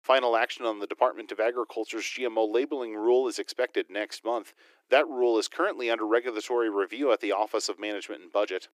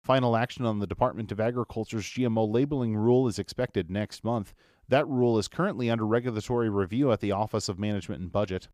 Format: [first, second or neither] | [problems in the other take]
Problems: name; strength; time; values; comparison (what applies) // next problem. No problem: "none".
second | thin; very; fading below 300 Hz